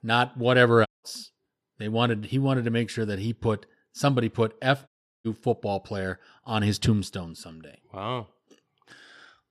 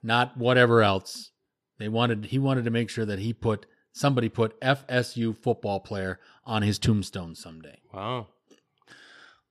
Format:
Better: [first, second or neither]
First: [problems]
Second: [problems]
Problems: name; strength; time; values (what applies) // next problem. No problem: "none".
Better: second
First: audio cutting out; at 1 s and at 5 s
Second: none